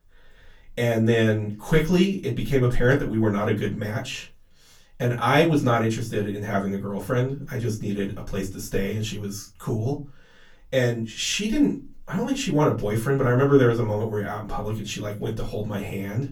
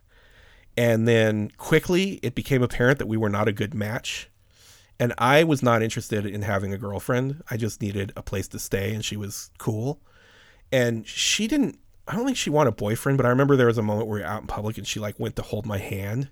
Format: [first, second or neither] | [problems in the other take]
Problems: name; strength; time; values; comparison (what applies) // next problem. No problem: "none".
second | off-mic speech; far // room echo; very slight; dies away in 0.2 s